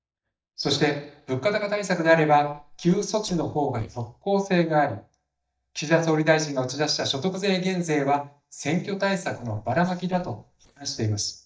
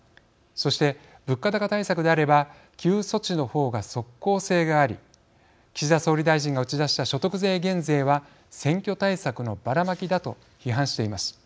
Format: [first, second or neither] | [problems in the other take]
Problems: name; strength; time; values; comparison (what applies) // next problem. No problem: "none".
second | noise reduction (neural mask model DeepFilterNet 3)